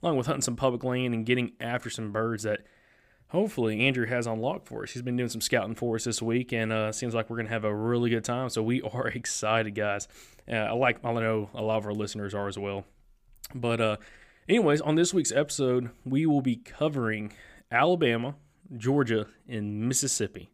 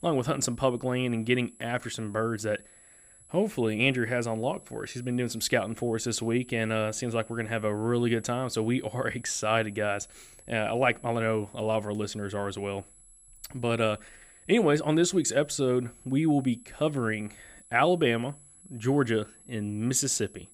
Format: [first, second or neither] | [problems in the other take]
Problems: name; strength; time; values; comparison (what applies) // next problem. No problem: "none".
first | high-pitched whine; faint; throughout; 11 kHz, 25 dB below the speech